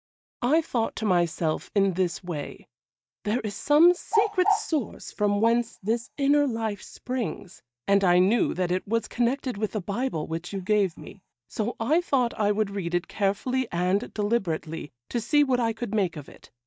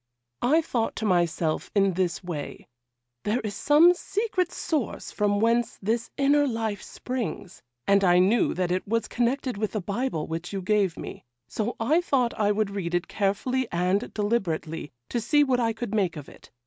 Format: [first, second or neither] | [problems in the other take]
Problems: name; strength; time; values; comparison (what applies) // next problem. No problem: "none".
second | noise reduction (neural mask model DeepFilterNet 3)